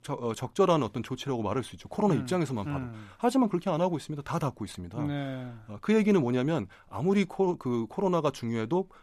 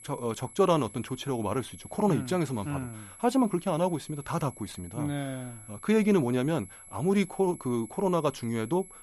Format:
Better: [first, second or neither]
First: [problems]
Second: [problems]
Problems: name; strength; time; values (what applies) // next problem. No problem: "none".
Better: first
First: none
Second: high-pitched whine; noticeable; throughout; 11 kHz, 20 dB below the speech